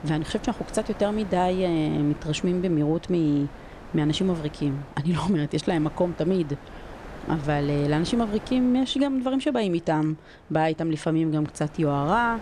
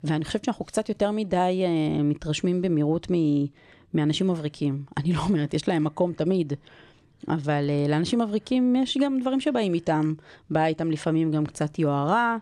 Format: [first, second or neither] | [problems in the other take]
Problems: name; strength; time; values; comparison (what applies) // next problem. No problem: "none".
second | wind noise on the microphone; occasional gusts; 15 dB below the speech